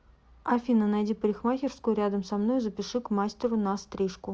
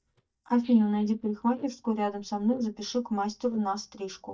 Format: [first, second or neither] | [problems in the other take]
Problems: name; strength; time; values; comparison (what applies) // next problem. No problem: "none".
first | noise reduction (neural mask model DeepFilterNet 3)